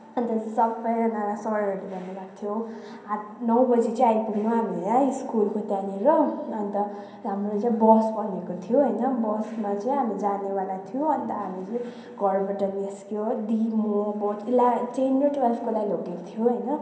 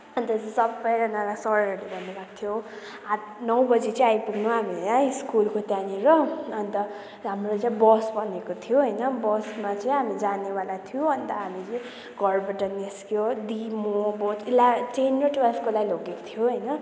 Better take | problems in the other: second | room echo; dies away in 0.6 s

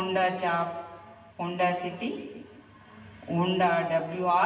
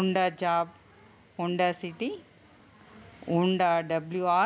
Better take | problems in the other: second | room echo; dies away in 1.4 s

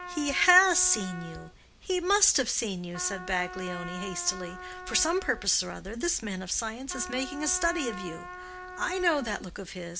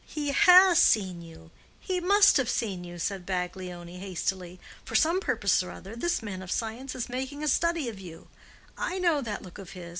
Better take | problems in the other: second | background sound (Trumpet); 14 dB below the speech

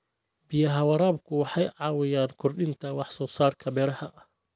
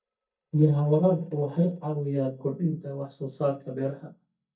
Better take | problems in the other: first | noise reduction (neural mask model DeepFilterNet 3)

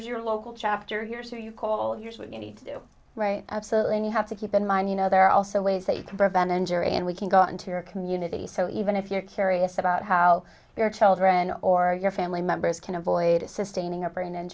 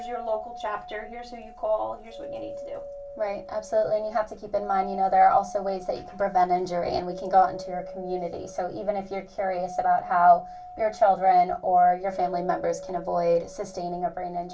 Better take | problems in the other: first | background sound (Doorbell); 15 dB below the speech // room echo; dies away in 0.2 s

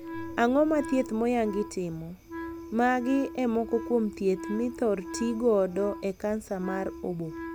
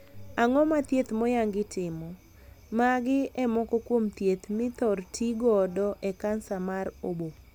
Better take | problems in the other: second | background sound (Wind instrument, woodwind instrument); 12 dB below the speech

